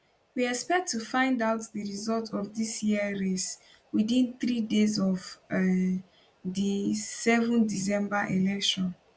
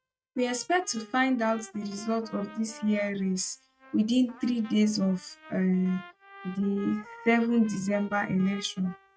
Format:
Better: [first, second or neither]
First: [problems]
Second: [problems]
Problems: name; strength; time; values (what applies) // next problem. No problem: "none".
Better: first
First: none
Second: noise reduction (neural mask model RNNoise)